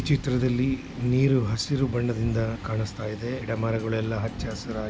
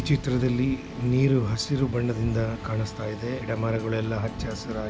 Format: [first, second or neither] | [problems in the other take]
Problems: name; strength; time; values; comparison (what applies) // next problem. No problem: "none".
first | background sound (Brass instrument); 19 dB below the speech